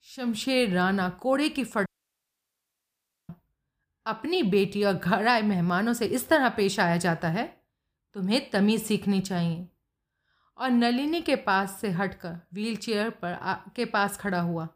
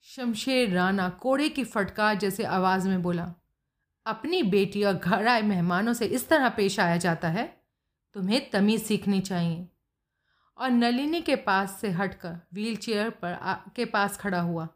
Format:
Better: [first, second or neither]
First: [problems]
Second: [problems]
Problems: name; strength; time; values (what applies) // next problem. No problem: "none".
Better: second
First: audio cutting out; at 2 s for 1.5 s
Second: none